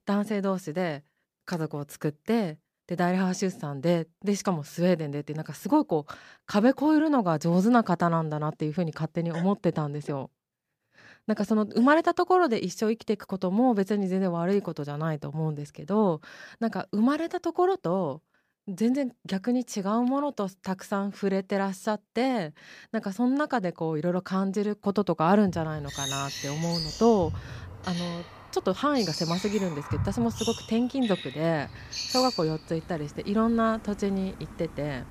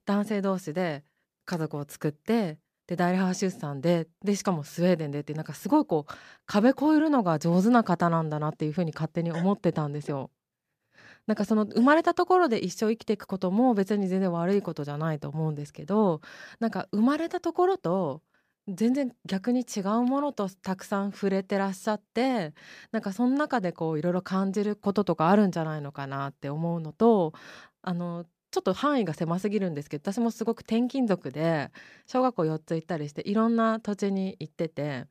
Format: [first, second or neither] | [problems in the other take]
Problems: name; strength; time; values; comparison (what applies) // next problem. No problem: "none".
second | animal sounds; loud; from 26 s on; 9 dB below the speech